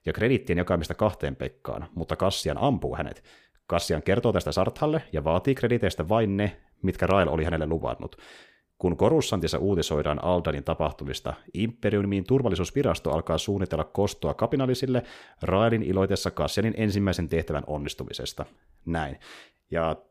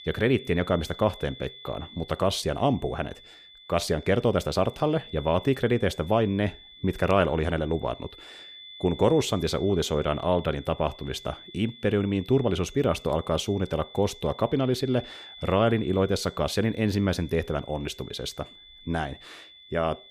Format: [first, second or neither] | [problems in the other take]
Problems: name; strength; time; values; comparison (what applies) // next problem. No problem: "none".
first | high-pitched whine; noticeable; throughout; 3.5 kHz, 20 dB below the speech